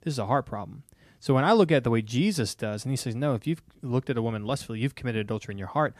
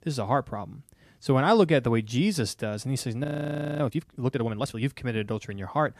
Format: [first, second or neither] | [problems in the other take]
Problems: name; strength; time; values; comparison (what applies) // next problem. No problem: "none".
first | audio freezing; at 3 s for 0.5 s